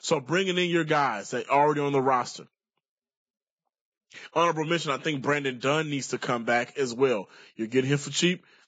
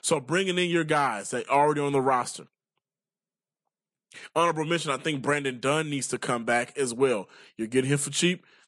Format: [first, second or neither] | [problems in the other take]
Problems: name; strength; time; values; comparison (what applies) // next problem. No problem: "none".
second | garbled, watery; badly; nothing above 7.5 kHz; slightly in the second